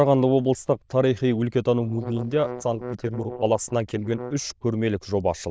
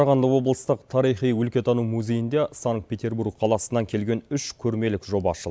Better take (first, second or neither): second